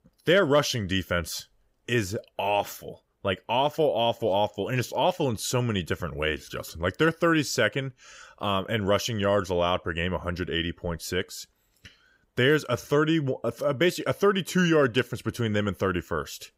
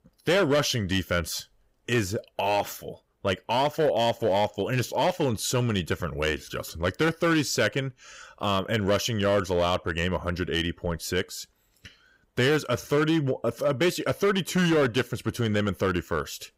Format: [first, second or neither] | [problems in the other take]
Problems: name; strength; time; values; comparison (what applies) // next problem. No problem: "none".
first | distortion; slight; 6% of the sound clipped